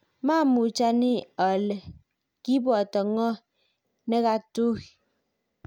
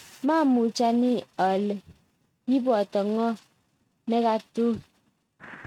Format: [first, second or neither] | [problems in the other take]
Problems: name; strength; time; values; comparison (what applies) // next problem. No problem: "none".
first | noise reduction (neural mask model RNNoise)